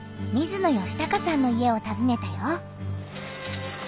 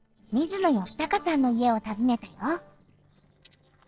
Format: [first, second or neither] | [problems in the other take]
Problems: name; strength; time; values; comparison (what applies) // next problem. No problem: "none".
first | noise reduction (neural separator model SepFormer DNS4)